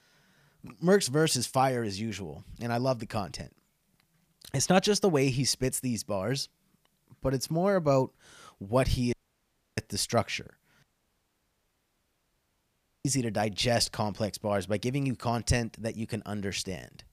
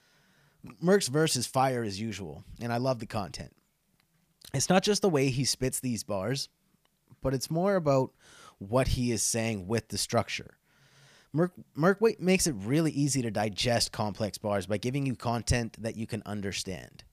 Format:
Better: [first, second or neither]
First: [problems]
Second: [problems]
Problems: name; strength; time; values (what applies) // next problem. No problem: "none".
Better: second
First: audio cutting out; at 9 s for 0.5 s and at 11 s for 2 s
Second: none